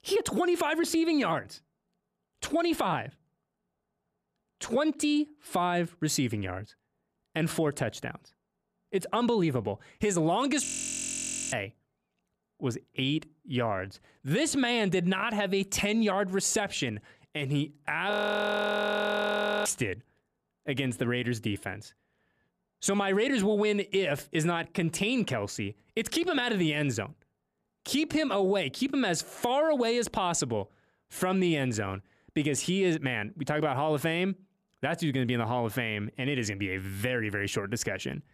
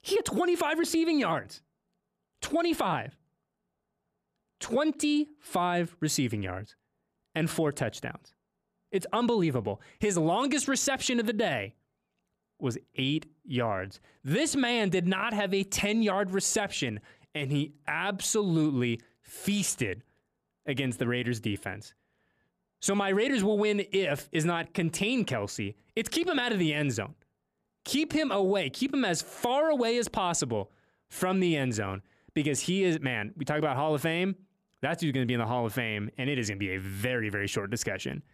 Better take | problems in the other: second | audio freezing; at 11 s for 1 s and at 18 s for 1.5 s

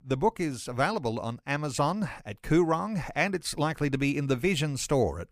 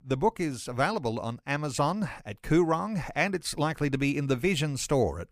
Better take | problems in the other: neither | none

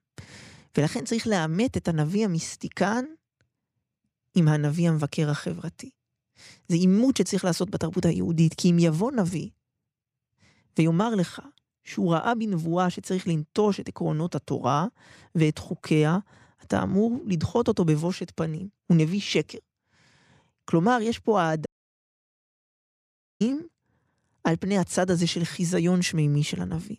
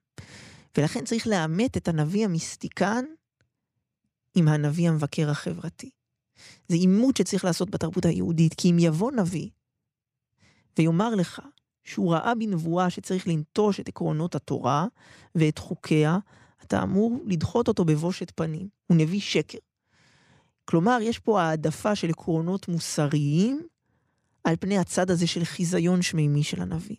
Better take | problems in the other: second | audio cutting out; at 22 s for 1.5 s

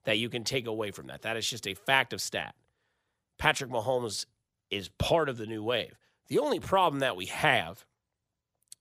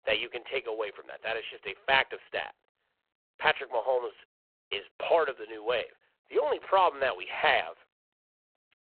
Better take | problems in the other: first | phone-call audio; poor line

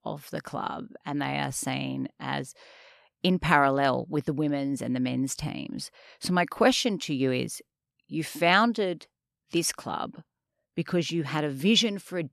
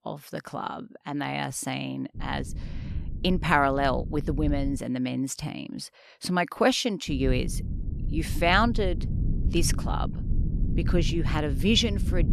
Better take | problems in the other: first | low rumble; noticeable; from 2 to 5 s and from 7 s on; 15 dB below the speech

